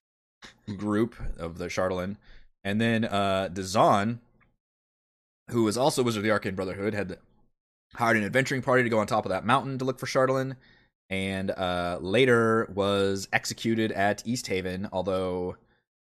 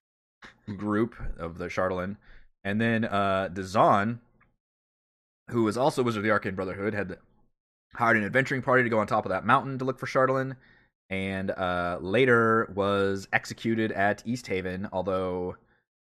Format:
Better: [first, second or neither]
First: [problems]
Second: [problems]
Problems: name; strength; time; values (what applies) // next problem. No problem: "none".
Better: first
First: none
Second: muffled; slightly; fading above 3.5 kHz